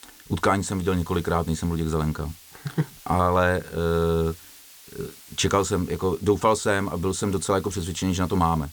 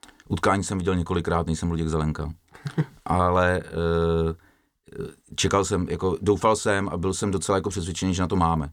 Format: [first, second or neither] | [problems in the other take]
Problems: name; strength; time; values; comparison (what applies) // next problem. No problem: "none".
second | hiss; faint; throughout; 20 dB below the speech